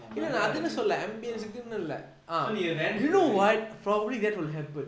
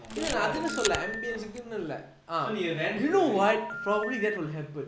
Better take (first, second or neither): first